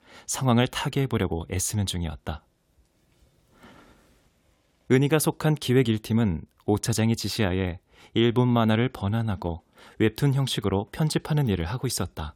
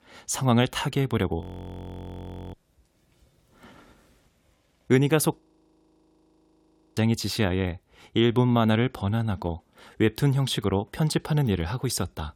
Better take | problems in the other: first | audio freezing; at 1.5 s for 1 s and at 5.5 s for 1.5 s

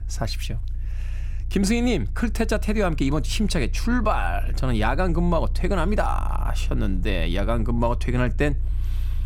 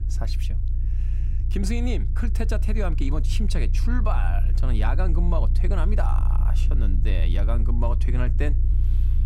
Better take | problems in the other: first | low rumble; loud; throughout; 10 dB below the speech; faint in the first

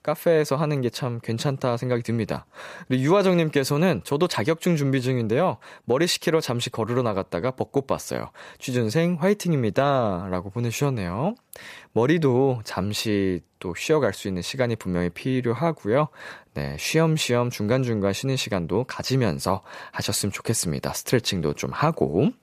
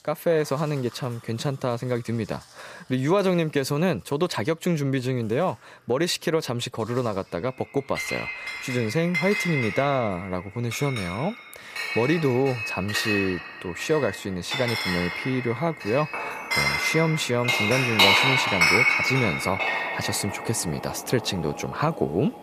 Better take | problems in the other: first | household noises; very loud; throughout; 1 dB above the speech

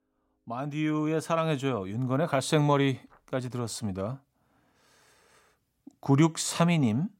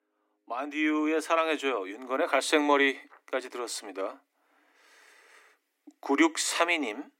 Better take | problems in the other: first | thin; somewhat; fading below 300 Hz

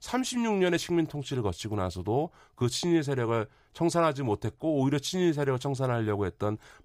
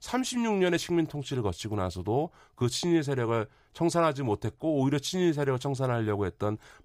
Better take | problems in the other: neither | none

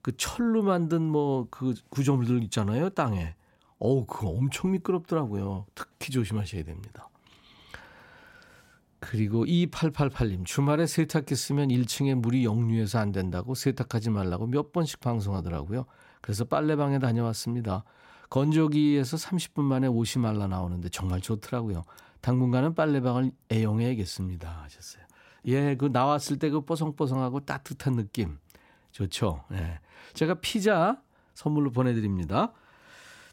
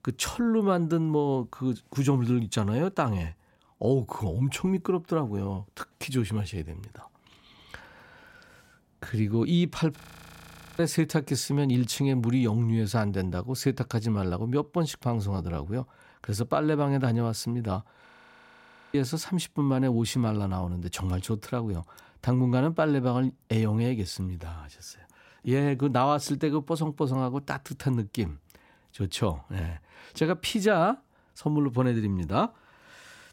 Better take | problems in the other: first | audio freezing; at 10 s for 1 s and at 18 s for 1 s

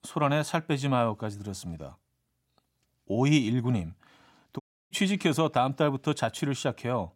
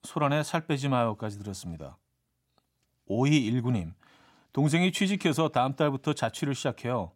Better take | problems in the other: second | audio cutting out; at 4.5 s

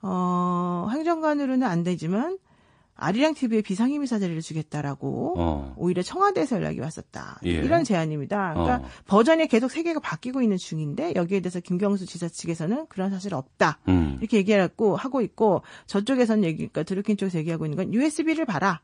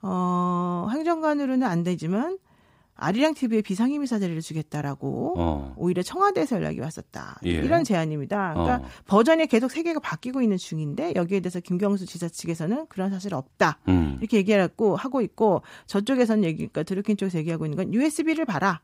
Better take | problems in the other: second | garbled, watery; slightly

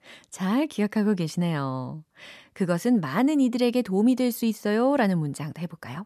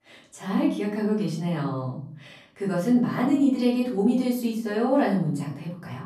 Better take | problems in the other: first | room echo; slight; dies away in 0.5 s // off-mic speech; far

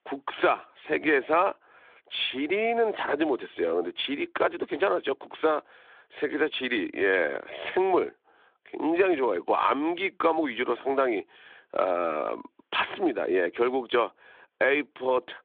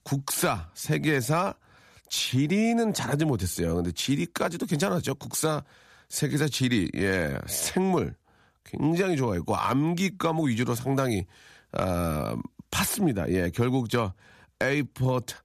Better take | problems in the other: second | phone-call audio; nothing above 3.5 kHz

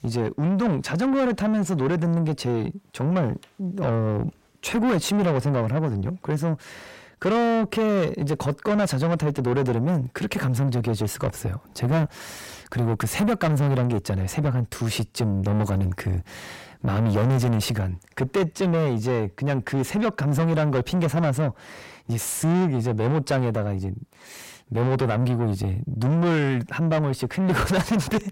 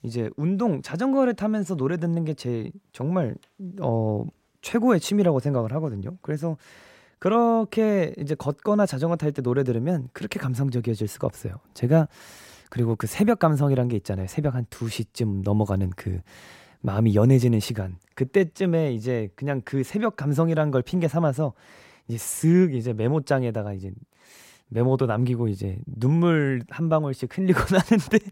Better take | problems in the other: second | distortion; heavy; 7 dB below the speech

